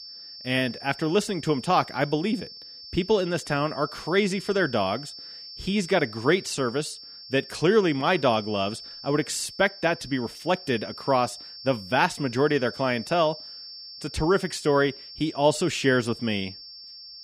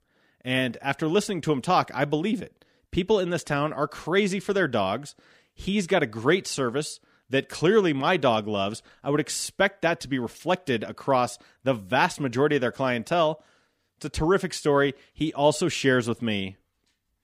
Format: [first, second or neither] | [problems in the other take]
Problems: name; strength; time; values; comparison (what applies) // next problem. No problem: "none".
second | high-pitched whine; noticeable; throughout; 5.5 kHz, 15 dB below the speech